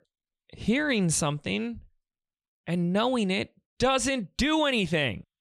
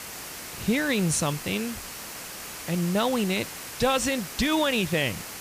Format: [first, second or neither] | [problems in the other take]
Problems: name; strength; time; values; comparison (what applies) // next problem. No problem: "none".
first | hiss; loud; throughout; 10 dB below the speech